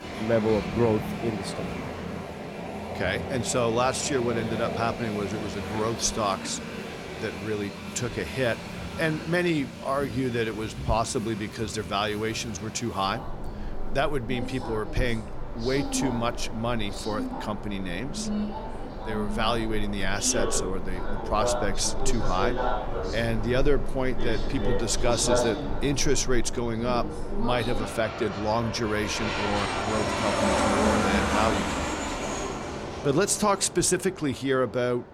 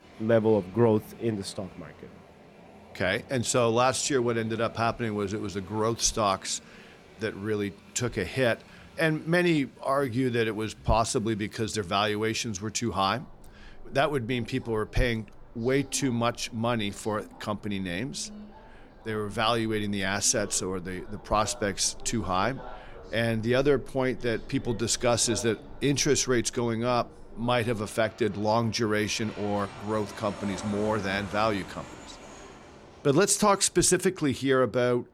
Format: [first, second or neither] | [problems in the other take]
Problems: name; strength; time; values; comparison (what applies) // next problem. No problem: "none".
second | train or aircraft noise; loud; throughout; 4 dB below the speech; faint in the second